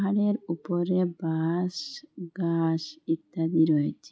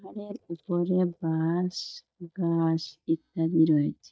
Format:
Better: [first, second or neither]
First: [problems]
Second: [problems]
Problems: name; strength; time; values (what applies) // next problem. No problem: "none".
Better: first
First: none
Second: noise reduction (neural mask model DeepFilterNet 3)